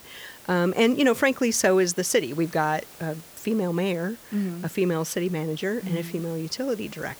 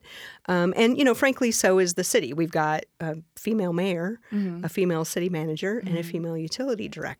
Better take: second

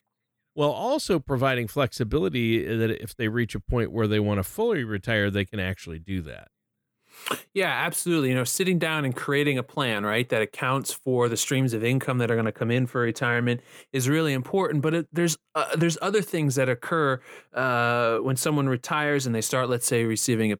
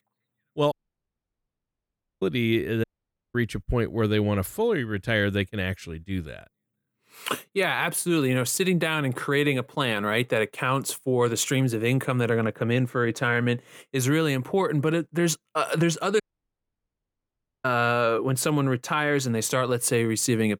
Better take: first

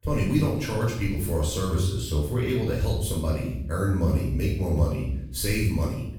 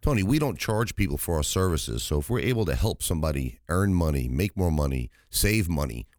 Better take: second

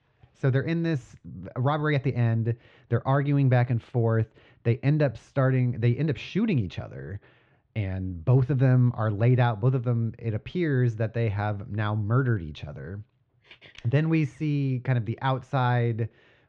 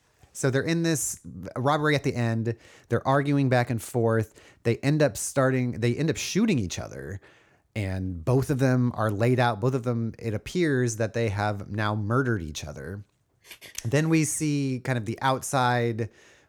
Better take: second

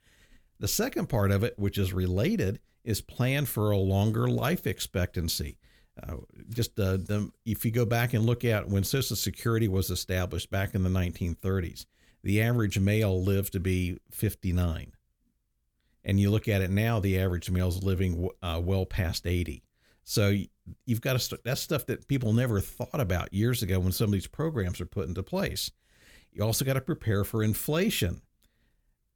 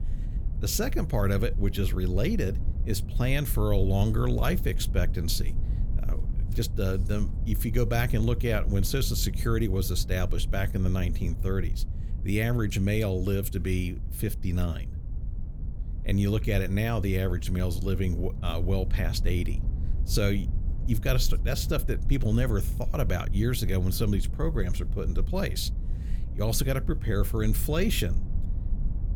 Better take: first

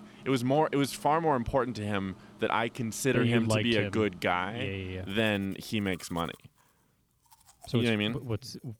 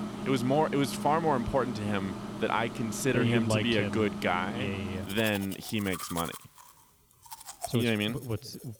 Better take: first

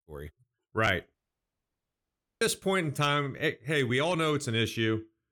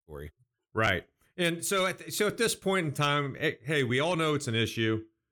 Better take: second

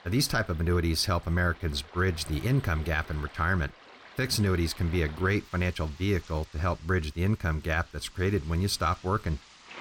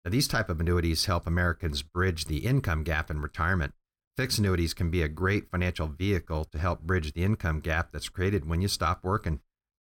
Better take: second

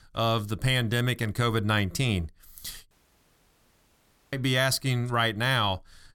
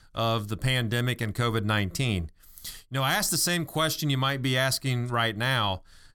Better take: second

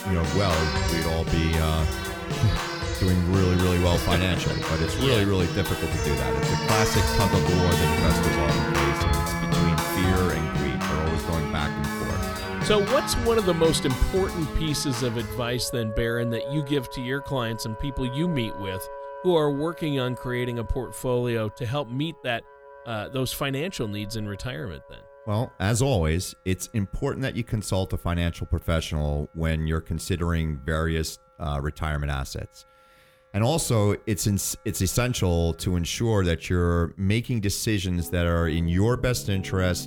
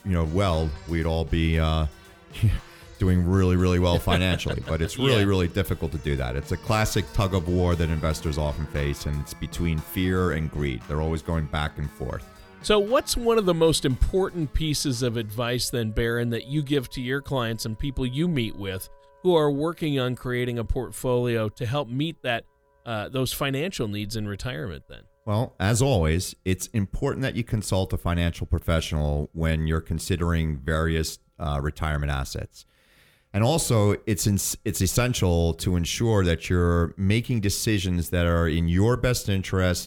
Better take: second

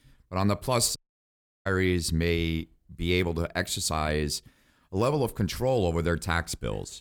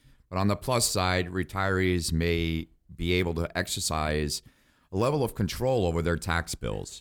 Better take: second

